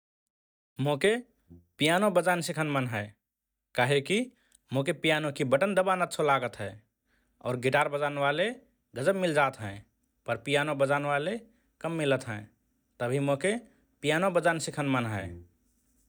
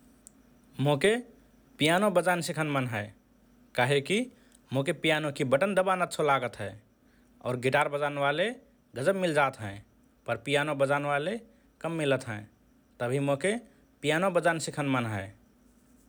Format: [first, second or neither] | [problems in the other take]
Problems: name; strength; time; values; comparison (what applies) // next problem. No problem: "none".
second | noise reduction (neural mask model DeepFilterNet 3)